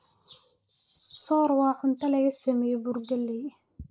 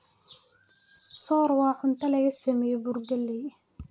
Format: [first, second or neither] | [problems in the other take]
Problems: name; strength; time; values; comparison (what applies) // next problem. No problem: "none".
second | noise reduction (neural mask model Resemble Enhance denoiser)